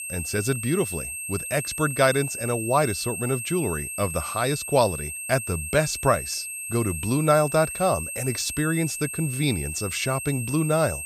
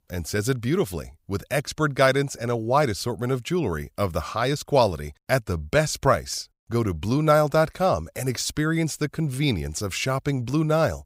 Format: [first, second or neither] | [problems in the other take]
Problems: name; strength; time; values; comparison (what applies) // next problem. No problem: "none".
second | high-pitched whine; loud; throughout; 8.5 kHz, 6 dB below the speech